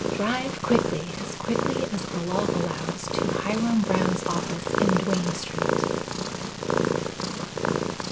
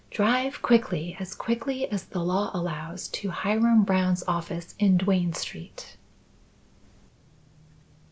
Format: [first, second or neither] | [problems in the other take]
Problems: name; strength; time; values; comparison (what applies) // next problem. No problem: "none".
second | background sound (Purr); 2 dB above the speech